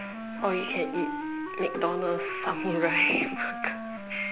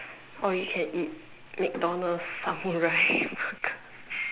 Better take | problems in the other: second | background sound (Wind instrument, woodwind instrument); 5 dB below the speech

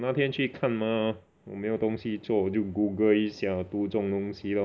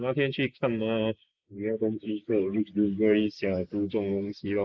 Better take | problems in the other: first | noise reduction (neural mask model Resemble Enhance denoiser)

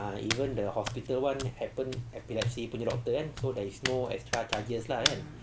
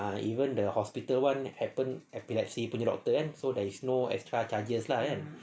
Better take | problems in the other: second | background sound (Hands); 4 dB below the speech

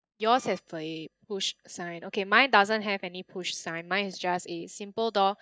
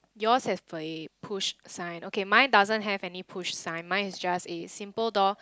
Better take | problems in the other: second | noise reduction (neural mask model DeepFilterNet 3)

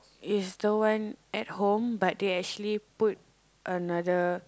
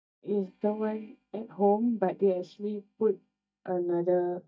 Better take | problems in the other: first | noise reduction (neural mask model DeepFilterNet 3)

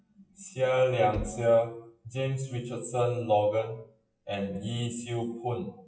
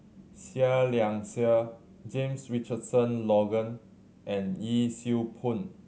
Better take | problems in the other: second | noise reduction (classical method WPE with log-MMSE)

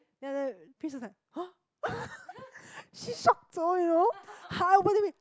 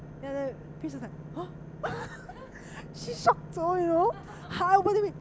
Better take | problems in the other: first | background sound (Engine / Boat, Water vehicle); 14 dB below the speech

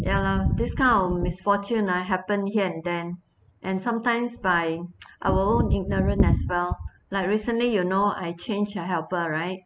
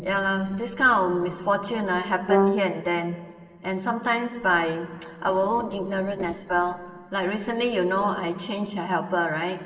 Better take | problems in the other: first | noise reduction (neural separator model SepFormer DNS4)

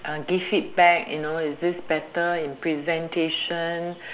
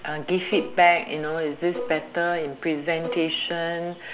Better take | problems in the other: first | background sound (Bowed string instrument); 14 dB below the speech

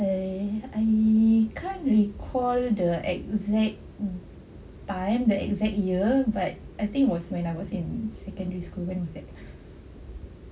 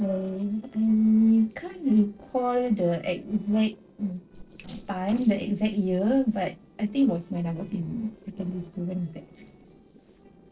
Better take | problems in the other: first | noise reduction (neural separator model SepFormer DNS4)

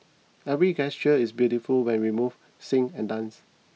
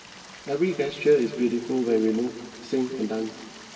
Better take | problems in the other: first | background sound (Stream); 19 dB below the speech // room echo; dies away in 2 s

